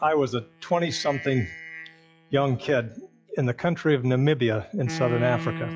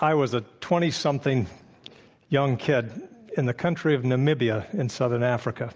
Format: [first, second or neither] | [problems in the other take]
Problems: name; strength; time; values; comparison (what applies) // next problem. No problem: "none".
second | noise reduction (classical method log-MMSE)